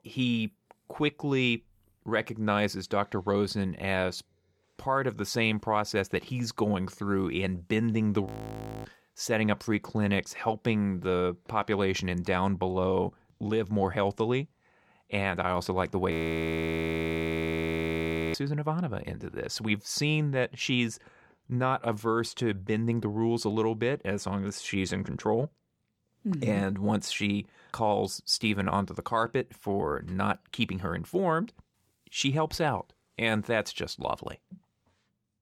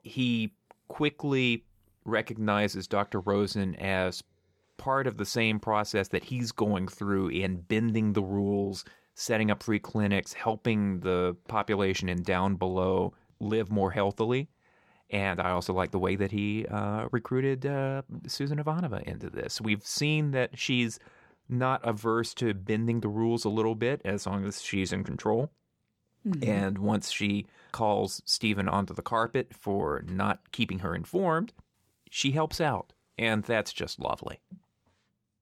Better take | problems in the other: second | audio freezing; at 8.5 s for 0.5 s and at 16 s for 2 s

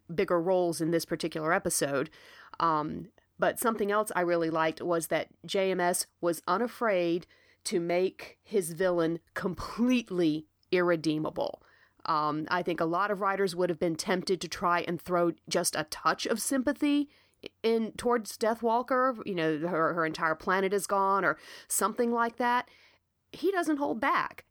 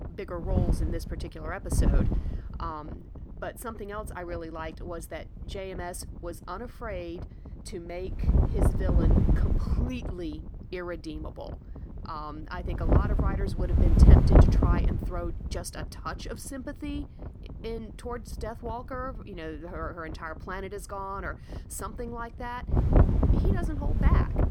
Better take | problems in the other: first | wind noise on the microphone; heavy; 3 dB above the speech

